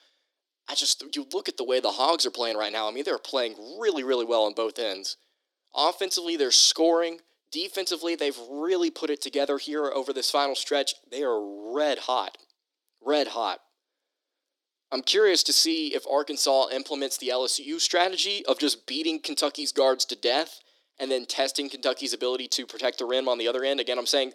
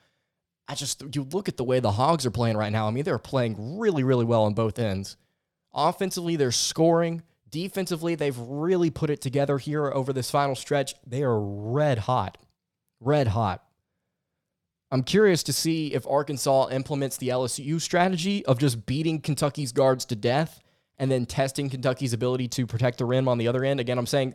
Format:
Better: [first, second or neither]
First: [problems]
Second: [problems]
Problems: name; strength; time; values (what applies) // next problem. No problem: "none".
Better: second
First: thin; somewhat; fading below 300 Hz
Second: none